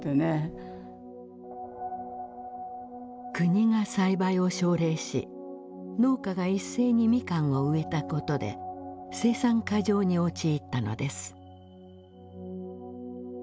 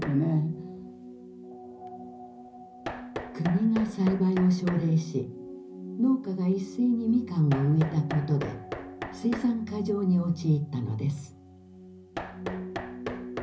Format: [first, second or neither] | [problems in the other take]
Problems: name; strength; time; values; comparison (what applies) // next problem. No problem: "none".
first | background sound (Knock); 14 dB below the speech // room echo; dies away in 0.5 s